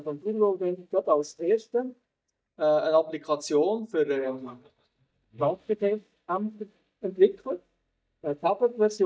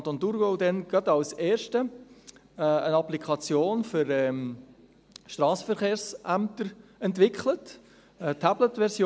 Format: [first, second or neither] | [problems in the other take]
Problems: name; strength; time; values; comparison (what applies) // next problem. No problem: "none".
second | noise reduction (neural mask model DeepFilterNet 3)